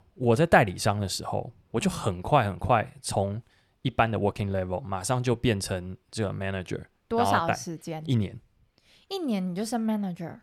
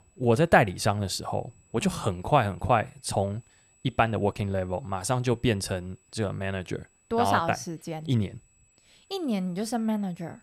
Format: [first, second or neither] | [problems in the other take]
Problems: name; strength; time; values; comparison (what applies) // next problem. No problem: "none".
first | high-pitched whine; faint; throughout; 8 kHz, 35 dB below the speech